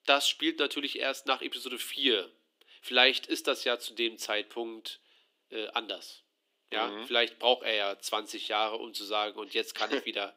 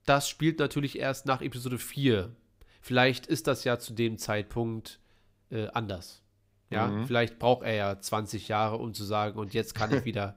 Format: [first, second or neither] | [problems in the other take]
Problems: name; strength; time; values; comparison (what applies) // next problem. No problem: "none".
second | thin; somewhat; fading below 300 Hz